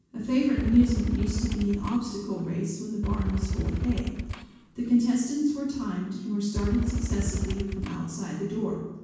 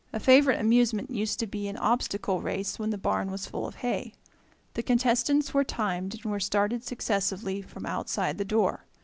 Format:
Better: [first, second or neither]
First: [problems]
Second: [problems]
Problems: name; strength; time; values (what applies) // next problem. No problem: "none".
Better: second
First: background sound (Motorcycle / Engine); 3 dB below the speech // room echo; dies away in 1.2 s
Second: none